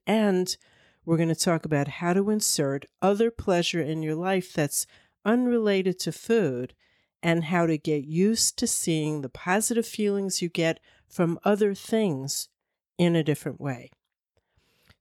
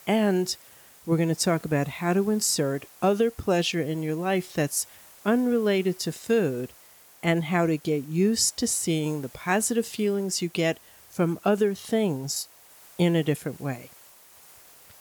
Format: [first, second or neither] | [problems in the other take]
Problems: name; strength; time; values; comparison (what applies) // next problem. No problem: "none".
first | hiss; faint; throughout; 25 dB below the speech